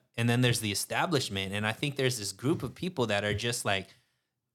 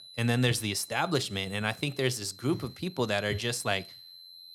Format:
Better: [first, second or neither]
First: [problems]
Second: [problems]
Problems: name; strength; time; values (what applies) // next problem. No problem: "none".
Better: first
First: none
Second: high-pitched whine; noticeable; throughout; 4 kHz, 20 dB below the speech